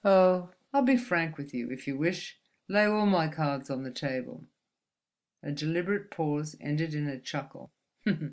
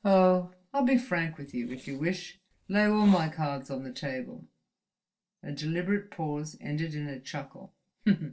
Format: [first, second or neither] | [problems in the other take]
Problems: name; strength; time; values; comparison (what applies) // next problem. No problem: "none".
first | noise reduction (neural separator model SepFormer DNS4)